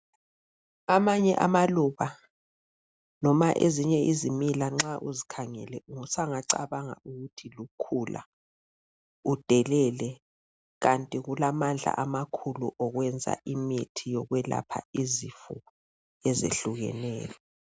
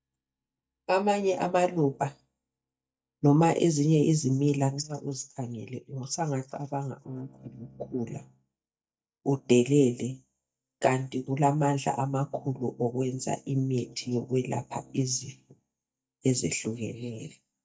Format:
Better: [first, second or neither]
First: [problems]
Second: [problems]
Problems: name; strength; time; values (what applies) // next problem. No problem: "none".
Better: first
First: none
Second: noise reduction (neural mask model DeepFilterNet 3)